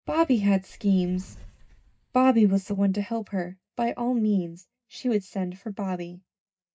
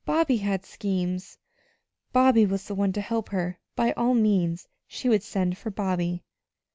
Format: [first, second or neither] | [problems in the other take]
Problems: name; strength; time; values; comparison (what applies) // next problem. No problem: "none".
second | noise reduction (neural mask model DeepFilterNet 3)